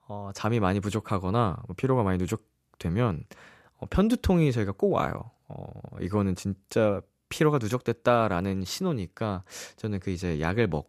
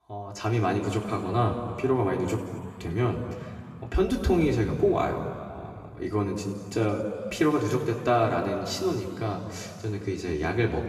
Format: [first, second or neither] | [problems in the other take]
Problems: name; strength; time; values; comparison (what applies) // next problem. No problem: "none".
first | room echo; noticeable; dies away in 2.1 s // off-mic speech; far